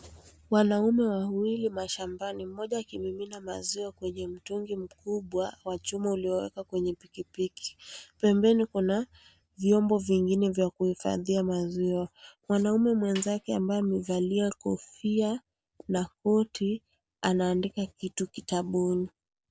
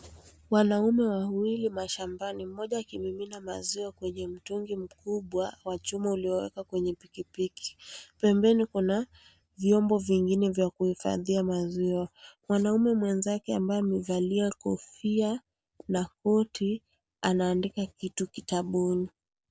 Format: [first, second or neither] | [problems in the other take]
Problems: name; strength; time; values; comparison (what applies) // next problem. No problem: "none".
second | background sound (Snare drum); 19 dB below the speech